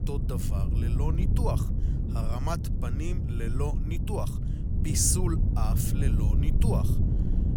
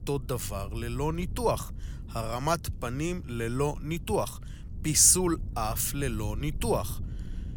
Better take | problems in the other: second | wind noise on the microphone; heavy; 5 dB below the speech; occasional gusts in the second

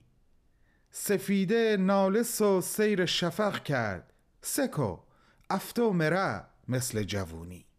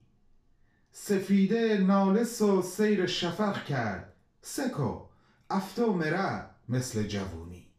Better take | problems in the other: first | room echo; slight; dies away in 0.4 s // off-mic speech; far

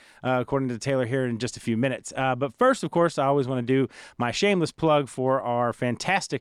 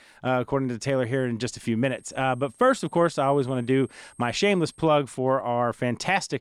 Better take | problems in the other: first | high-pitched whine; faint; from 2 to 5 s; 8.5 kHz, 30 dB below the speech

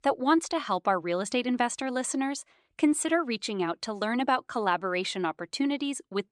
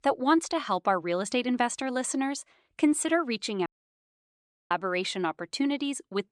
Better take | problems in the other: first | audio cutting out; at 3.5 s for 1 s

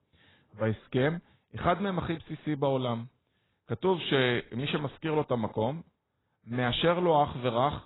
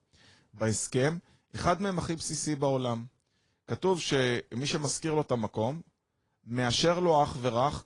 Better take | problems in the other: second | garbled, watery; badly; nothing above 4 kHz; slightly in the second

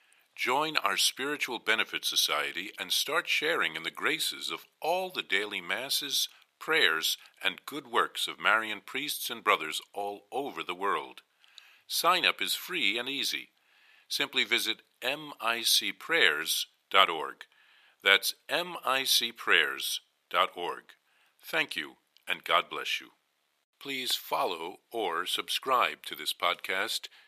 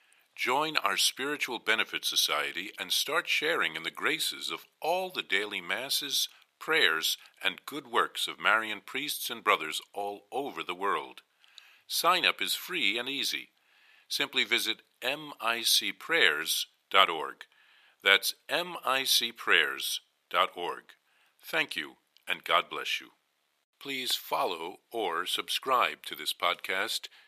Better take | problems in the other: neither | thin; very; fading below 700 Hz; the same in both

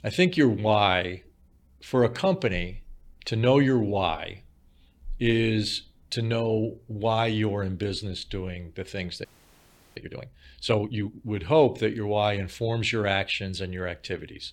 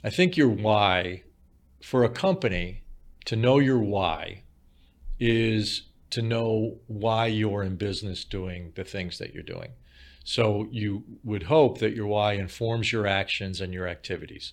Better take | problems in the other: second | audio freezing; at 9.5 s for 0.5 s

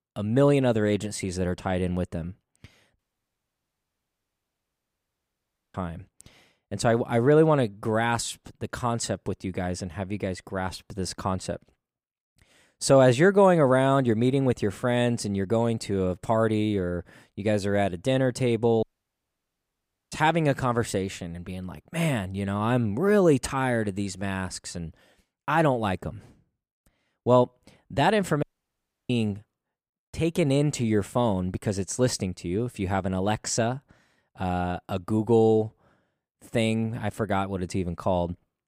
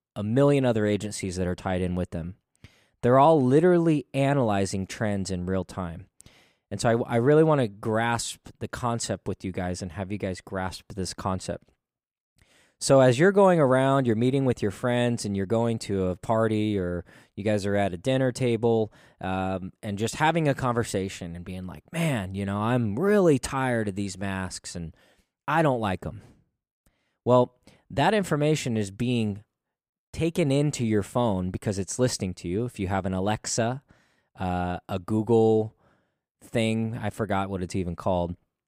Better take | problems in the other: second | audio cutting out; at 3 s for 3 s, at 19 s for 1.5 s and at 28 s for 0.5 s

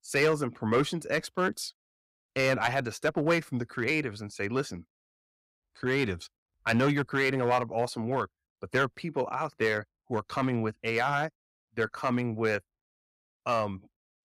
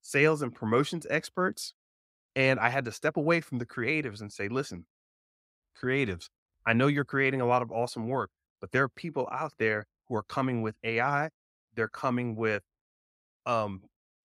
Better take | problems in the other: second | distortion; slight; 2% of the sound clipped

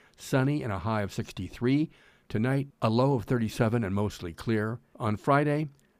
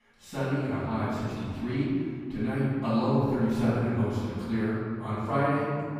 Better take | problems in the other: first | off-mic speech; far // room echo; strong; dies away in 2.1 s

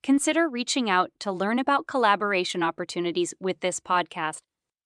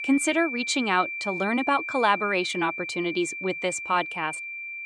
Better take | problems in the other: first | high-pitched whine; loud; throughout; 2.5 kHz, 6 dB below the speech

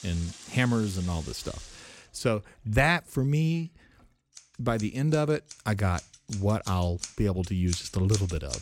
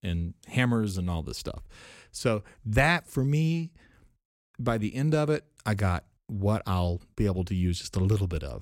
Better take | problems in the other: second | household noises; noticeable; throughout; 15 dB below the speech

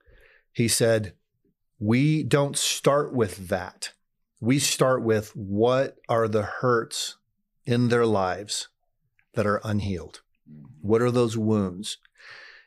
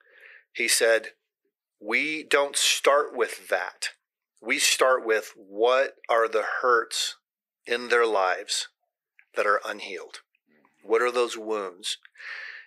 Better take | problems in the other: first | thin; very; fading below 400 Hz

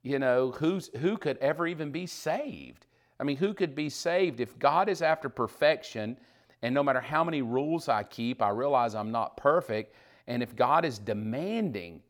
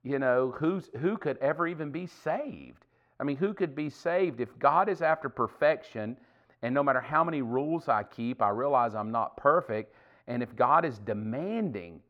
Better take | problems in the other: first | muffled; slightly; fading above 3 kHz

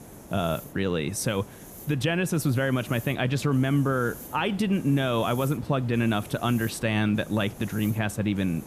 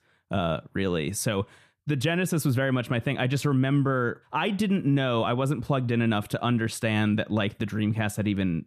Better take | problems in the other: second | hiss; noticeable; throughout; 15 dB below the speech

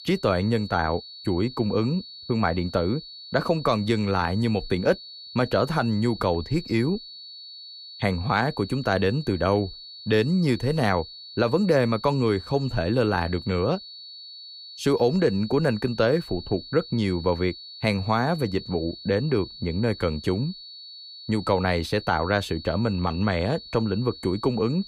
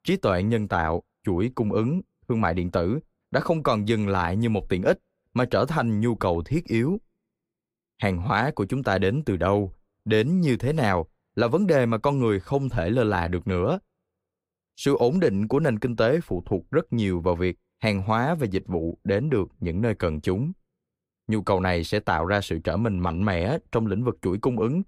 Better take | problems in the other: second | high-pitched whine; noticeable; throughout; 4.5 kHz, 15 dB below the speech

